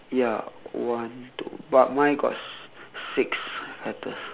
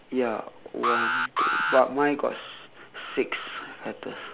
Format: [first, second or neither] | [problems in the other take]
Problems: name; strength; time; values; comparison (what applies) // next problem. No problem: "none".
first | background sound (Alarm); 1 dB above the speech